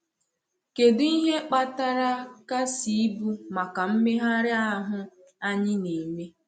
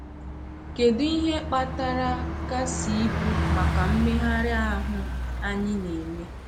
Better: first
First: none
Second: background sound (Bus); 1 dB below the speech

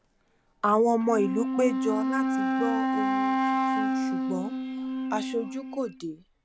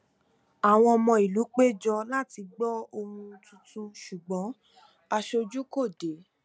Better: second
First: background sound (Wind instrument, woodwind instrument); 1 dB above the speech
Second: none

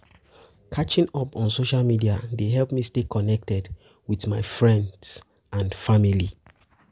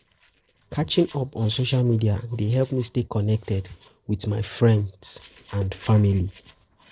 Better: first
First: none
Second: noise reduction (neural separator model SepFormer DNS4)

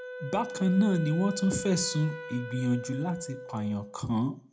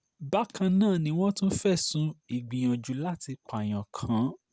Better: second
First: background sound (Wind instrument, woodwind instrument); 11 dB below the speech // room echo; dies away in 0.2 s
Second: none

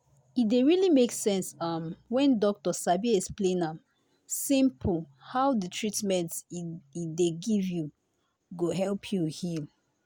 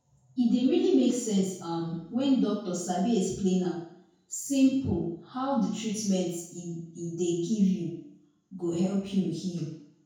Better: first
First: none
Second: room echo; dies away in 0.6 s

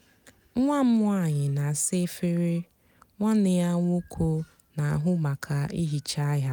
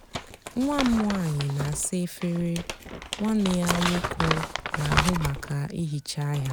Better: first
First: none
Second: background sound (Crumpling, crinkling); 5 dB below the speech

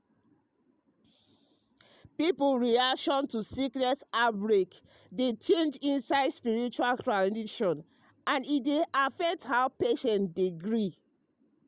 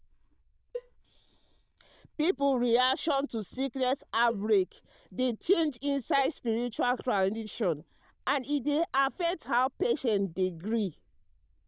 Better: first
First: none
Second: noise reduction (neural diffusion model UNIVERSE++)

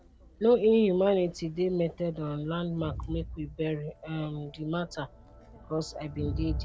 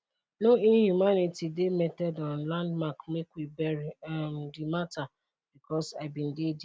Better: second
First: background sound (Crowd); 12 dB below the speech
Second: none

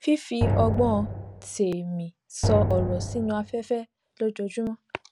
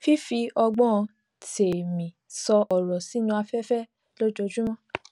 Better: second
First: background sound (Drum); as loud as the speech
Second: none

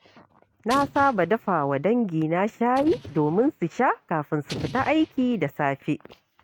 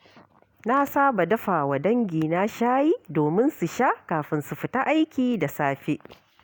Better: second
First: noise reduction (neural mask model RNNoise)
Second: none

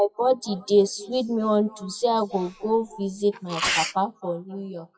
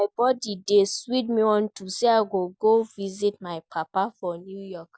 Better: second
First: noise reduction (classical method WPE with log-MMSE)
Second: none

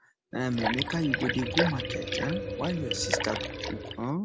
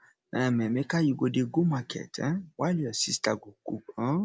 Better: second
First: background sound (Liquid); as loud as the speech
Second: none

